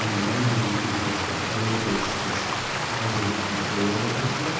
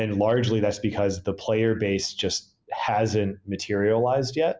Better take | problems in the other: second | background sound (Stream); 1 dB above the speech // room echo; dies away in 1.2 s

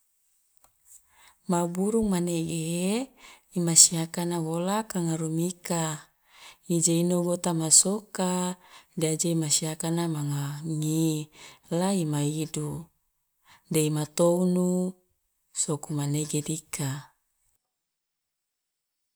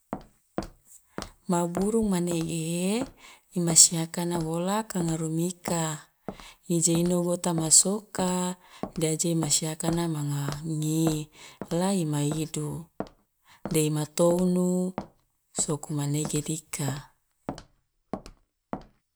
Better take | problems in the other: first | background sound (Walk, footsteps); 14 dB below the speech

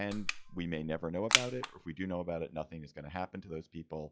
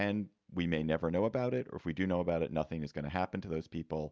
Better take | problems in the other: second | noise reduction (classical method log-MMSE)

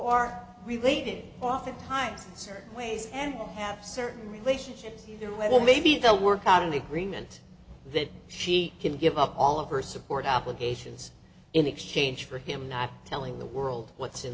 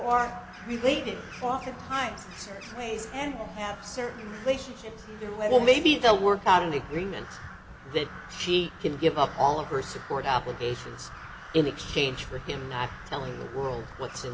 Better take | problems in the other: first | background sound (Crow); 17 dB below the speech

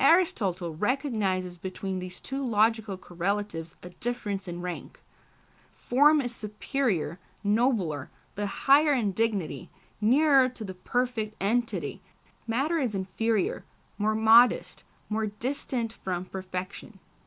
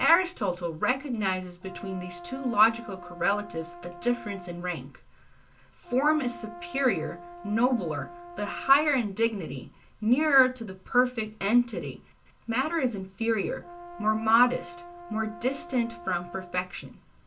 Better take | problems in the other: first | background sound (Brass instrument); 15 dB below the speech // room echo; dies away in 0.2 s

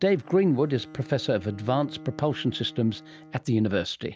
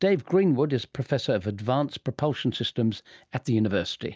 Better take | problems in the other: second | background sound (Bowed string instrument); 20 dB below the speech

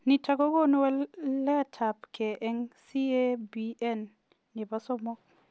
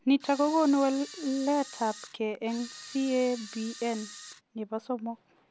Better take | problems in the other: first | background sound (Camera); 16 dB below the speech

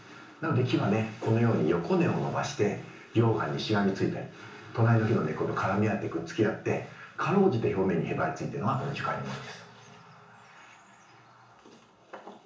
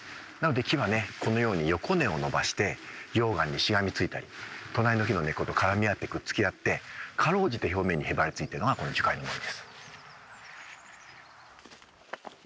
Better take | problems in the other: second | room echo; dies away in 0.8 s

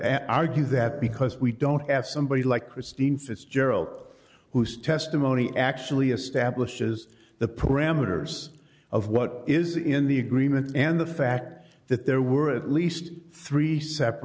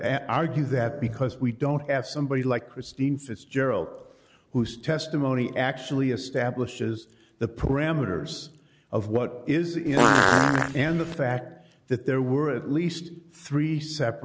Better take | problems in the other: first | background sound (Fart); 5 dB above the speech

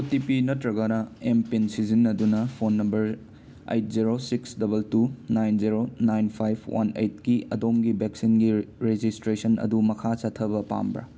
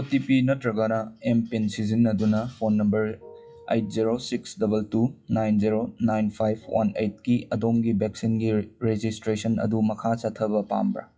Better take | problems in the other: first | noise reduction (classical method WPE with log-MMSE)

